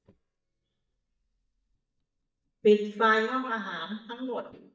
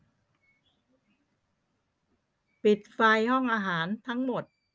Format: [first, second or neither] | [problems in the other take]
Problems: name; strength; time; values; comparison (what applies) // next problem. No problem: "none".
second | noise reduction (neural mask model DeepFilterNet 3)